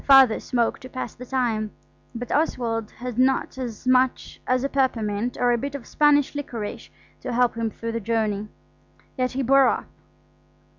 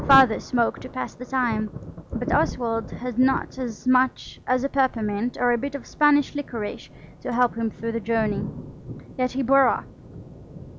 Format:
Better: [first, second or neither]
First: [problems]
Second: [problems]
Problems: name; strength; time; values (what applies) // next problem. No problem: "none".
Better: first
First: none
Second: background sound (Thunder); 12 dB below the speech